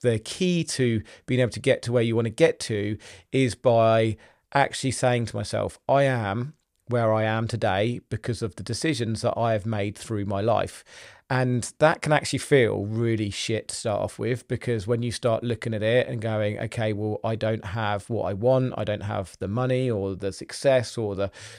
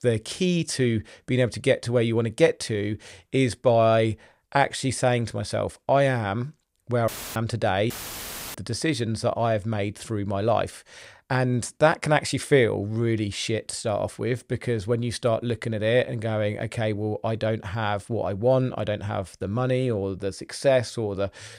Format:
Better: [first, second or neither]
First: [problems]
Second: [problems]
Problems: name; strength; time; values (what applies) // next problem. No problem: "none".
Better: first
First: none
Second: audio cutting out; filled with static; at 7 s and at 8 s for 0.5 s